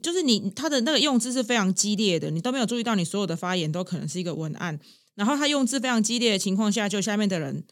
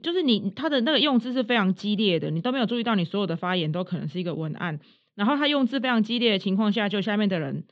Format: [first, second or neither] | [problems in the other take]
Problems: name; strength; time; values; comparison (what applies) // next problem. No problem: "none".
first | muffled; very; fading above 3.5 kHz